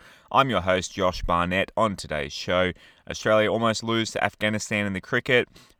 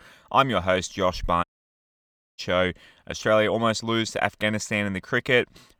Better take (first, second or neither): first